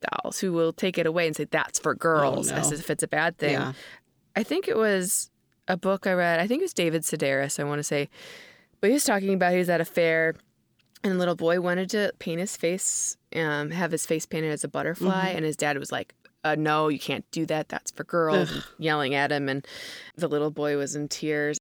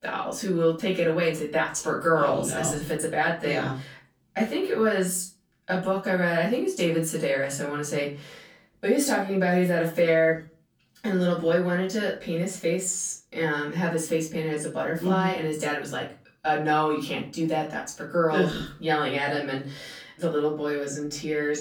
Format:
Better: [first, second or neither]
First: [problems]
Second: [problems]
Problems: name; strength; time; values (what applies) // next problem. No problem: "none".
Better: first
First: none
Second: off-mic speech; far // room echo; slight; dies away in 0.3 s